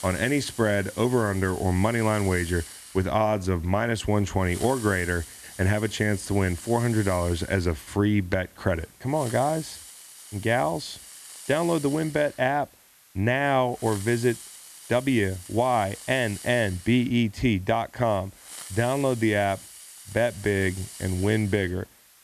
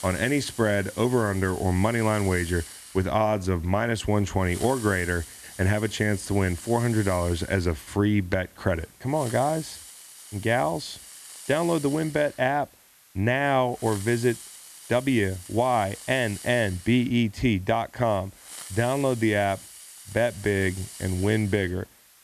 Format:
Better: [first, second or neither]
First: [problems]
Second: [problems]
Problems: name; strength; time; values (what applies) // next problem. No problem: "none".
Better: neither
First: hiss; noticeable; throughout; 15 dB below the speech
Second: hiss; noticeable; throughout; 15 dB below the speech